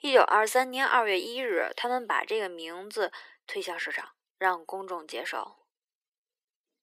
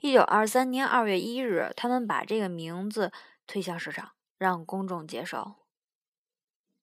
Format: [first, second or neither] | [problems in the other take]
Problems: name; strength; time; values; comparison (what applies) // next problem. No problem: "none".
second | thin; somewhat; fading below 300 Hz